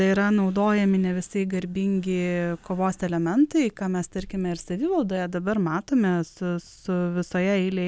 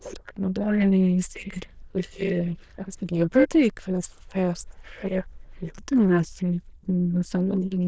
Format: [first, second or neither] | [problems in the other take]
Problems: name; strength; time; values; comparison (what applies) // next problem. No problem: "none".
first | noise reduction (neural diffusion model UNIVERSE++)